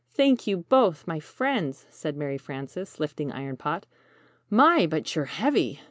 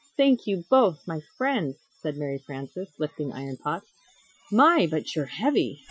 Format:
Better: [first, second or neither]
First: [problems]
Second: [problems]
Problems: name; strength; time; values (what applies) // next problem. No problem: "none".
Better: first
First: none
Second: noise reduction (classical method Wiener filter)